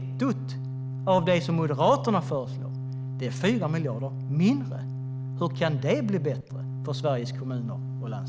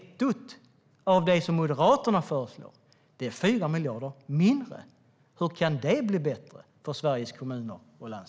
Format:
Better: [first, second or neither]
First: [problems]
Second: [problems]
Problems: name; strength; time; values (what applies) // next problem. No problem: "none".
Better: second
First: background sound (Organ); 5 dB below the speech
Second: none